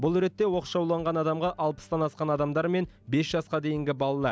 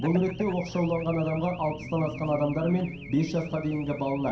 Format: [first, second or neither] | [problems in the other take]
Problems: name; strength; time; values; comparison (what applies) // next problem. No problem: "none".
first | background sound (Race car, auto racing / Alarm); 12 dB below the speech // room echo; dies away in 0.5 s